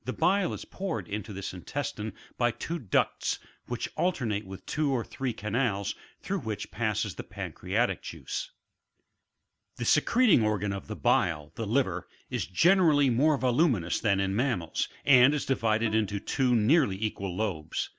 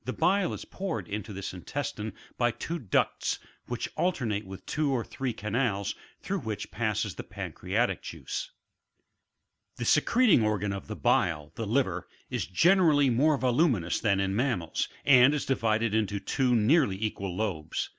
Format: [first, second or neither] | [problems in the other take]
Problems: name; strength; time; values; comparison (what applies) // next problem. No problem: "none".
second | background sound (Bowed string instrument); 18 dB below the speech